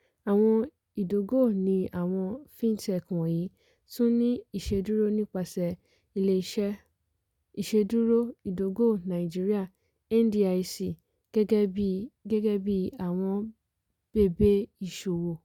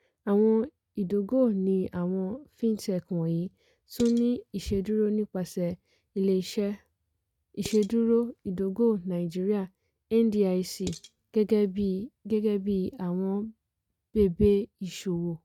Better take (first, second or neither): first